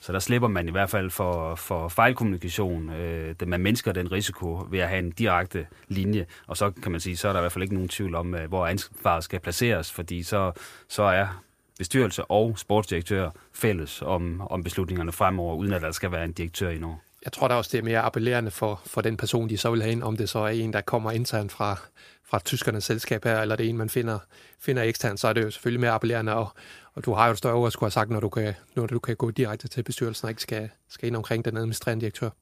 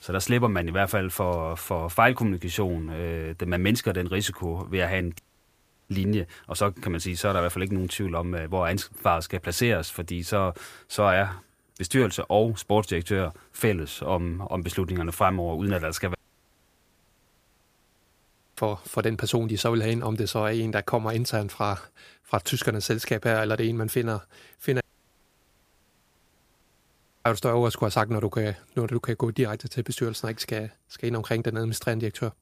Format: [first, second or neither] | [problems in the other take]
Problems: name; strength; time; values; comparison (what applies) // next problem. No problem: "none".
first | audio cutting out; at 5 s for 0.5 s, at 16 s for 2.5 s and at 25 s for 2.5 s